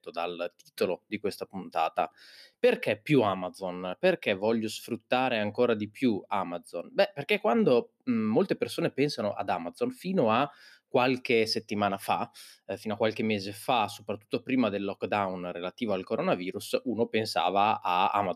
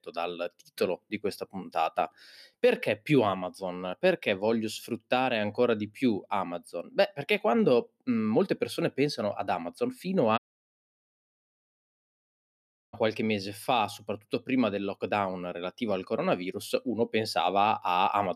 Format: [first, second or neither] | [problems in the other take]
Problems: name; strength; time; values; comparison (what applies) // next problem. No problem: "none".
first | audio cutting out; at 10 s for 2.5 s